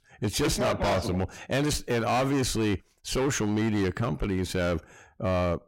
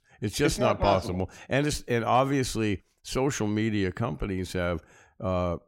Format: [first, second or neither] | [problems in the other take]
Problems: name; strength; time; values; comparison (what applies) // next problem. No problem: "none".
second | distortion; heavy; 17% of the sound clipped